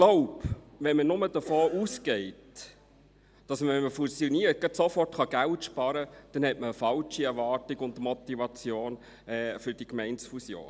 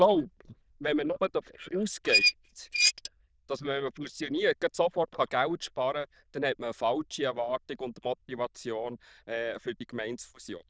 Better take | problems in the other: first | noise reduction (neural diffusion model UNIVERSE++)

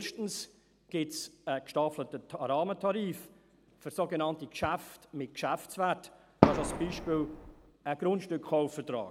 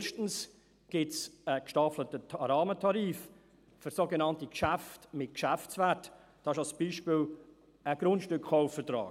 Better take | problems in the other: second | background sound (Fireworks); 4 dB above the speech

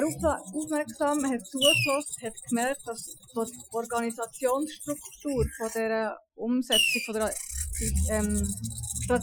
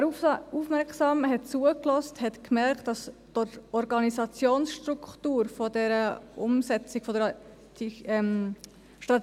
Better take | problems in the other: second | noise reduction (classical method Wiener filter)

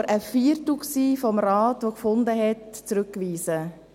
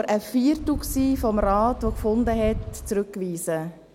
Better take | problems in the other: first | background sound (Wind); 8 dB below the speech

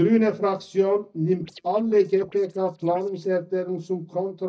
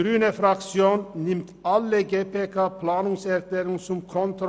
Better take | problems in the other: second | noise reduction (neural mask model DeepFilterNet 3)

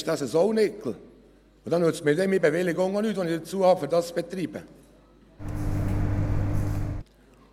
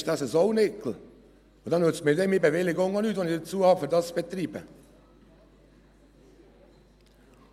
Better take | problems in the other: second | background sound (Microwave oven); 1 dB above the speech

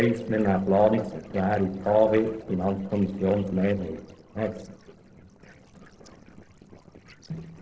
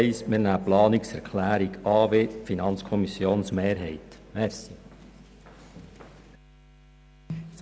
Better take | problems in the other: second | noise reduction (neural separator model SepFormer DNS4)

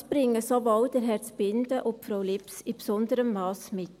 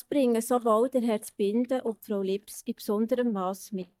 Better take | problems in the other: first | noise reduction (neural mask model DeepFilterNet 3)

